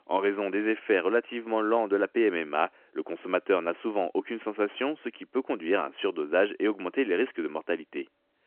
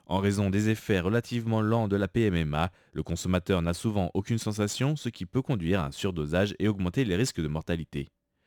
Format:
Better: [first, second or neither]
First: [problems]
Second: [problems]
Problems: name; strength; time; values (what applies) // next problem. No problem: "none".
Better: second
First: phone-call audio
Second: none